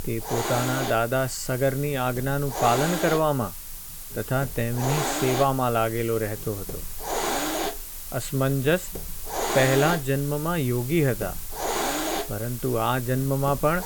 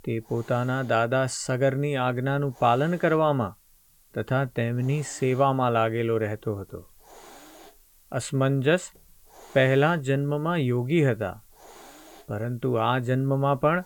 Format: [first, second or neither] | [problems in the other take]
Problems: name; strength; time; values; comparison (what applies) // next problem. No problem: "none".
second | hiss; loud; throughout; 5 dB below the speech; faint in the second